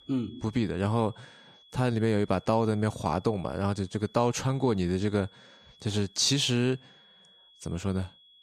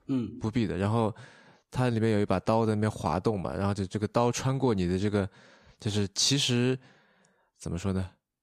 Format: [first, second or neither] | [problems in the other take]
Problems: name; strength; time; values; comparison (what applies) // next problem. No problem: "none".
second | high-pitched whine; faint; throughout; 3.5 kHz, 25 dB below the speech